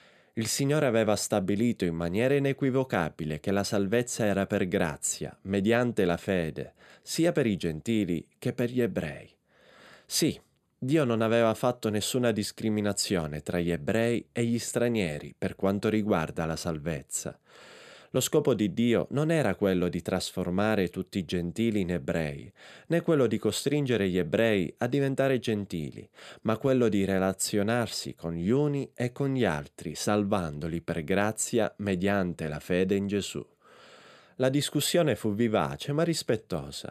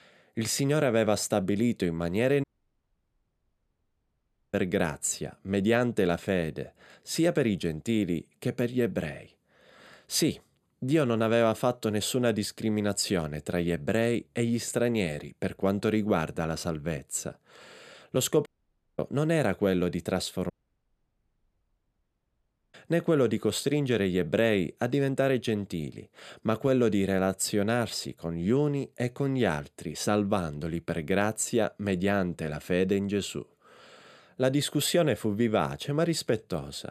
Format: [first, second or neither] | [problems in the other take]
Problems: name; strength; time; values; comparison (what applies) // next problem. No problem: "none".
first | audio cutting out; at 2.5 s for 2 s, at 18 s for 0.5 s and at 21 s for 2 s